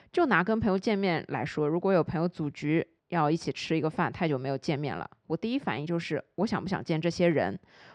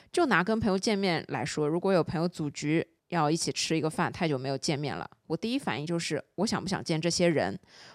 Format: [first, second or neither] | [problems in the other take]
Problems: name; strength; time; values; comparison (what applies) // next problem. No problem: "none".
second | muffled; slightly; fading above 3 kHz